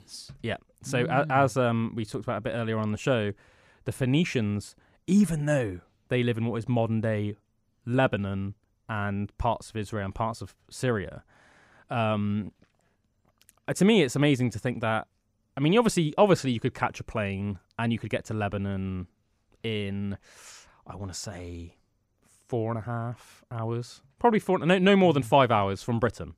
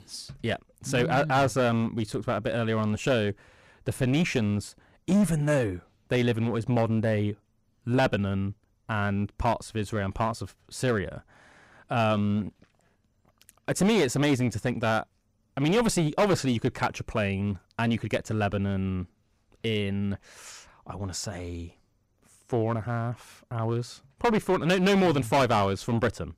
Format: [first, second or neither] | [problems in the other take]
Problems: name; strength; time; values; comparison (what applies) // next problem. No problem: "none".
first | distortion; heavy; 7% of the sound clipped